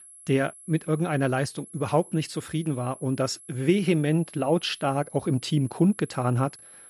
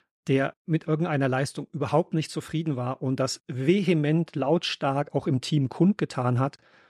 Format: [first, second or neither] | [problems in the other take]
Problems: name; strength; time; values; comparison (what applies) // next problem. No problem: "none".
second | high-pitched whine; noticeable; throughout; 11 kHz, 20 dB below the speech